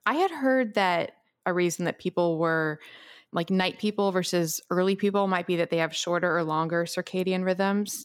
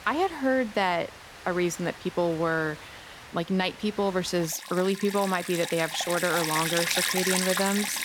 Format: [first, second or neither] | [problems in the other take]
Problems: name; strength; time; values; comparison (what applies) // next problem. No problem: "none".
first | rain or running water; loud; throughout; 1 dB below the speech